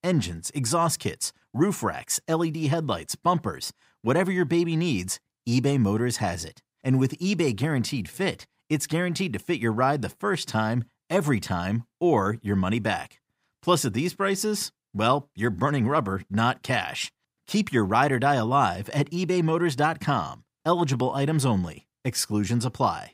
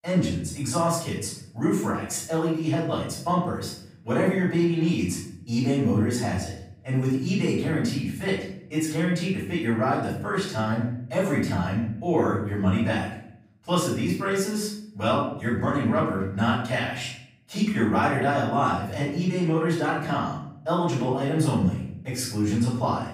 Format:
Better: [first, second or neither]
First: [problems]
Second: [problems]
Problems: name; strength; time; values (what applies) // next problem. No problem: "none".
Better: first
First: none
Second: off-mic speech; far // room echo; noticeable; dies away in 0.6 s